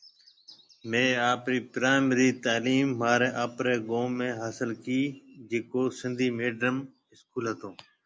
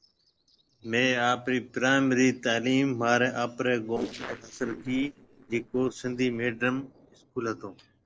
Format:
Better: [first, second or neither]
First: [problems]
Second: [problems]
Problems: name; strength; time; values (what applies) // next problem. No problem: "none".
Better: first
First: none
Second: noise reduction (neural separator model SepFormer DNS4)